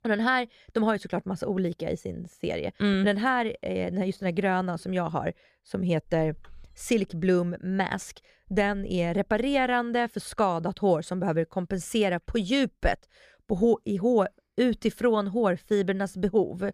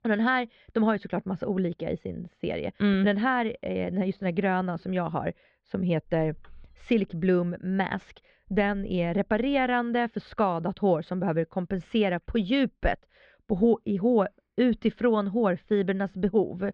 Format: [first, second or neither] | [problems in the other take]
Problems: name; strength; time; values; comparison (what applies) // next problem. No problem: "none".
first | muffled; slightly; fading above 3.5 kHz